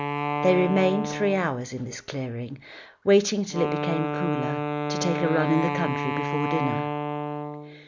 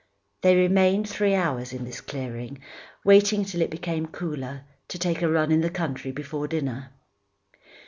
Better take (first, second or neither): second